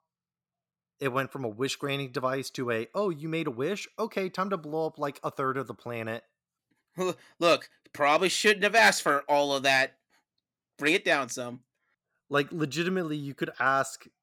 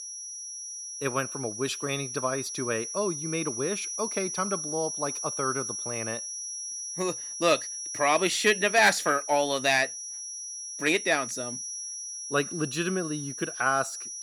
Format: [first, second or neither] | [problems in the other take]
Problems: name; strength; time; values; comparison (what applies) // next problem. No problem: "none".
first | high-pitched whine; loud; throughout; 5.5 kHz, 6 dB below the speech